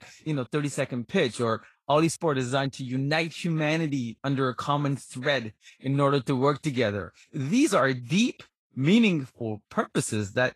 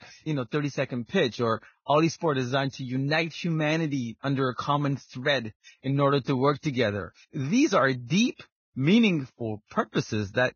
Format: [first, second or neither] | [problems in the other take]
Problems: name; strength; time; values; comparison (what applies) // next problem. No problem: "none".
first | garbled, watery; badly; nothing above 6.5 kHz; slightly in the first